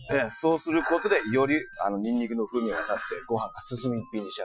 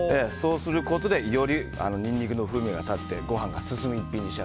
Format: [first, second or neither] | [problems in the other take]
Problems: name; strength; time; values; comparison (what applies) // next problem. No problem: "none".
second | noise reduction (classical method Wiener filter)